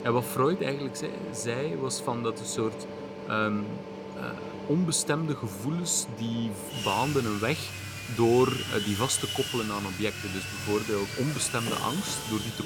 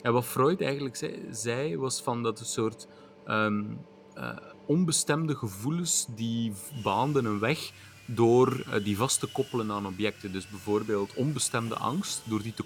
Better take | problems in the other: second | machinery noise; loud; throughout; 7 dB below the speech; faint in the second

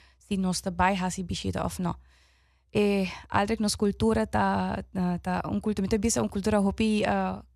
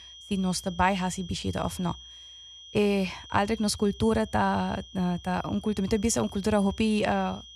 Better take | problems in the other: first | high-pitched whine; noticeable; throughout; 3 kHz, 20 dB below the speech

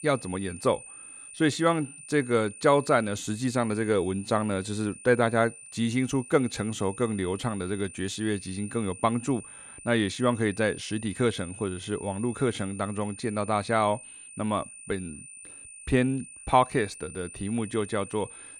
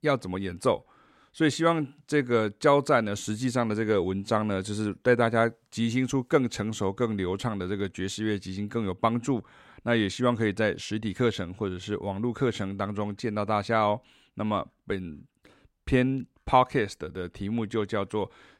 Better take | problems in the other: second | high-pitched whine; noticeable; throughout; 9 kHz, 15 dB below the speech

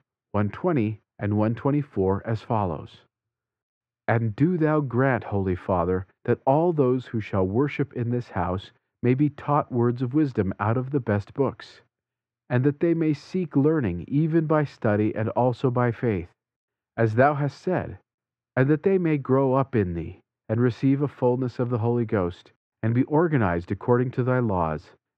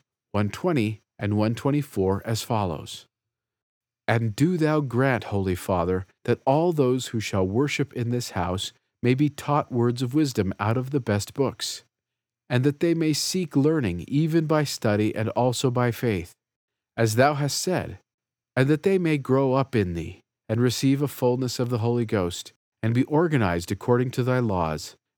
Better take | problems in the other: second | muffled; very; fading above 1.5 kHz

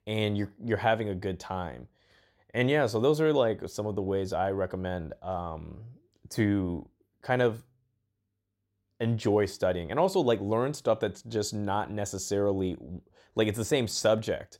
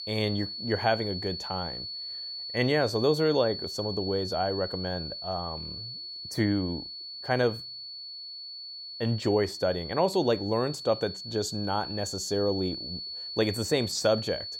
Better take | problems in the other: first | high-pitched whine; loud; throughout; 4.5 kHz, 7 dB below the speech

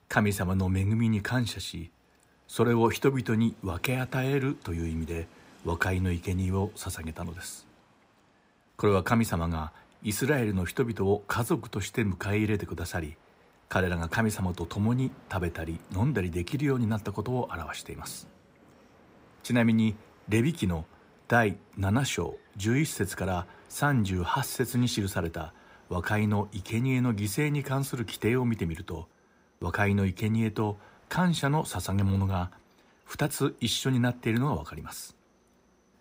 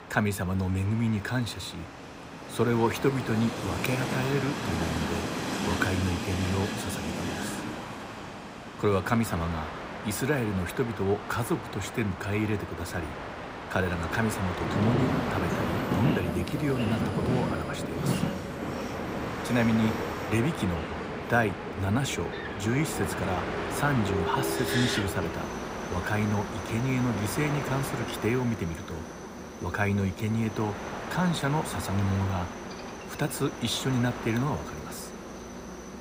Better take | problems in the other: first | train or aircraft noise; loud; throughout; 4 dB below the speech; faint in the first

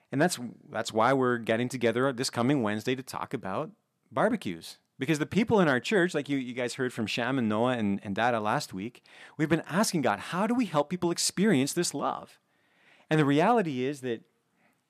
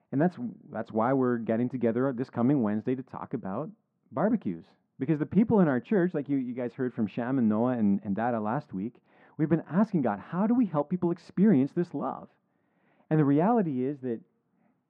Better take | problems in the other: first | muffled; very; fading above 1 kHz

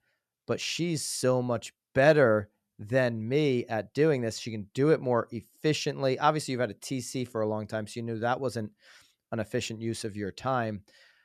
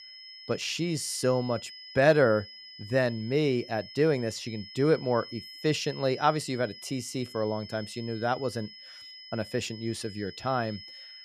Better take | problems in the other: first | high-pitched whine; noticeable; throughout; 5 kHz, 15 dB below the speech

